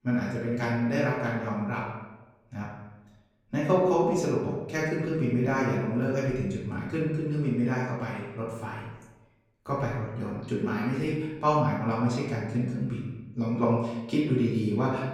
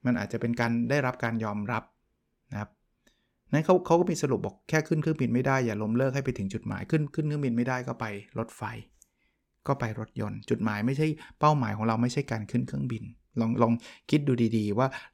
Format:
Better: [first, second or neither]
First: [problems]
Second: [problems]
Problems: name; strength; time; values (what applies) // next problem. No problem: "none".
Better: second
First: room echo; noticeable; dies away in 0.9 s // off-mic speech; far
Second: none